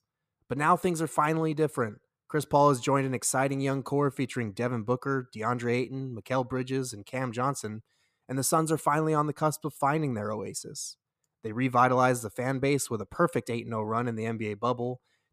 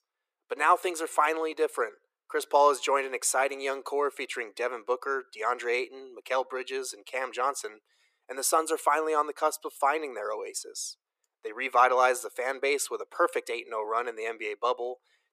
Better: first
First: none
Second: thin; very; fading below 400 Hz

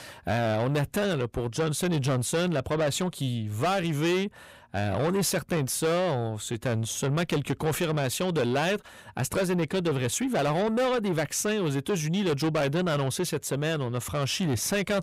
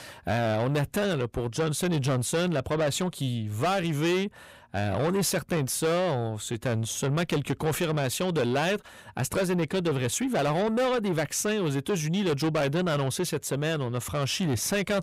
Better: neither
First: distortion; heavy; 7 dB below the speech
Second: distortion; heavy; 7 dB below the speech

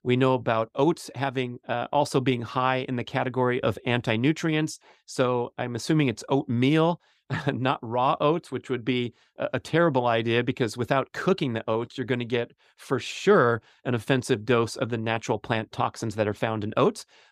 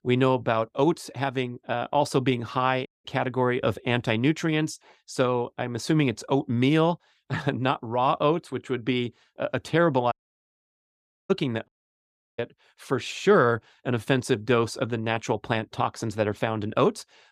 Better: first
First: none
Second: audio cutting out; at 3 s, at 10 s for 1 s and at 12 s for 0.5 s

